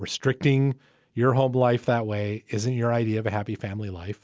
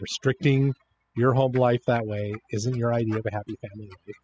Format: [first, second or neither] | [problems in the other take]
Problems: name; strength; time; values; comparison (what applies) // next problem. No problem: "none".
first | noise reduction (classical method spectral subtraction)